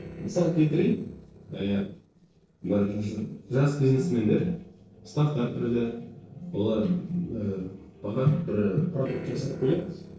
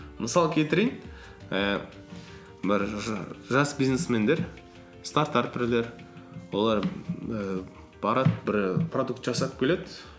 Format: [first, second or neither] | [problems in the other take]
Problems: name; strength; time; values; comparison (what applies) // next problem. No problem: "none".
second | noise reduction (neural separator model SepFormer DNS4)